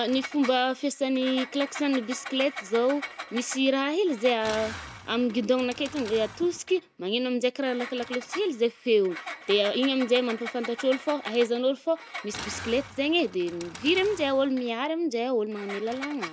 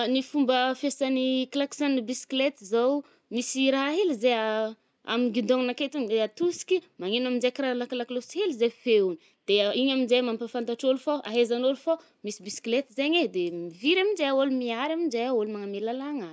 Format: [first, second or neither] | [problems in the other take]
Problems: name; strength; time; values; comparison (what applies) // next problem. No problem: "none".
second | background sound (Engine); 14 dB below the speech